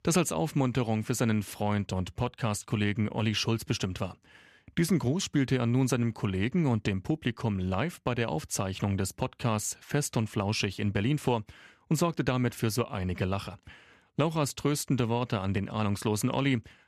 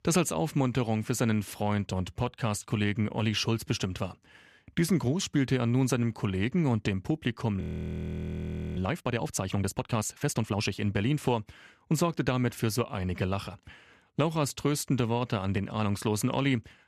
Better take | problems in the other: first | audio freezing; at 7.5 s for 1 s

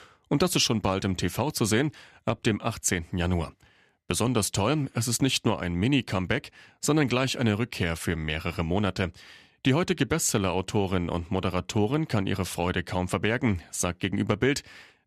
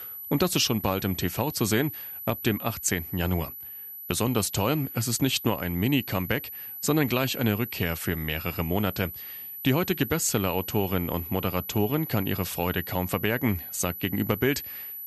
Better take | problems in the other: first | high-pitched whine; loud; throughout; 12 kHz, 9 dB below the speech

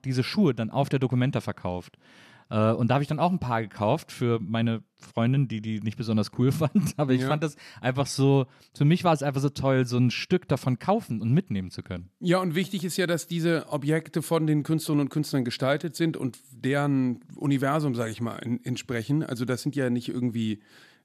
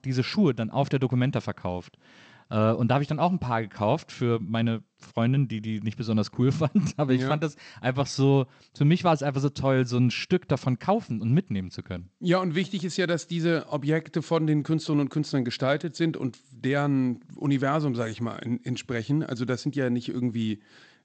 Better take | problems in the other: first | garbled, watery; slightly; nothing above 8 kHz

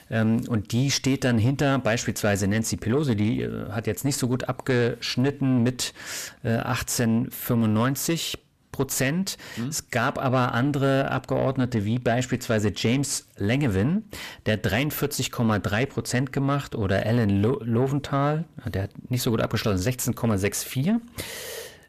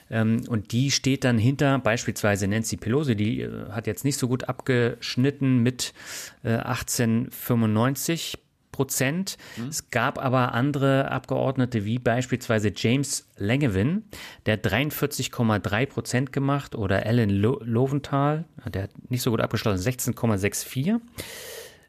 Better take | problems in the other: second | distortion; slight; 10 dB below the speech

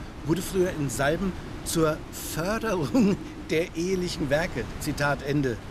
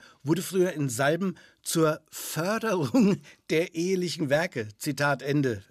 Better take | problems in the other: second | wind noise on the microphone; occasional gusts; 15 dB below the speech

